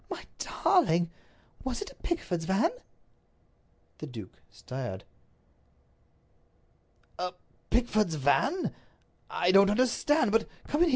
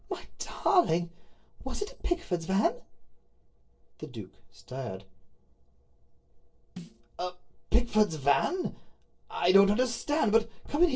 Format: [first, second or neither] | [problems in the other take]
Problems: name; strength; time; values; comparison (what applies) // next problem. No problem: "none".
first | noise reduction (neural separator model SepFormer DNS4)